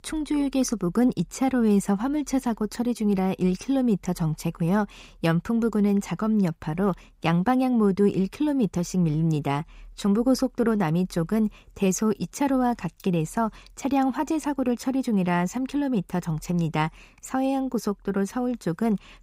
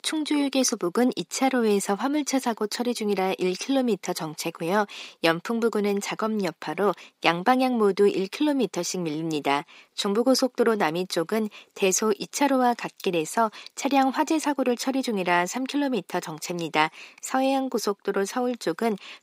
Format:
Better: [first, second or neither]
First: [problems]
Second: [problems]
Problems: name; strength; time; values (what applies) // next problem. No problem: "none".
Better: first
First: none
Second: thin; somewhat; fading below 300 Hz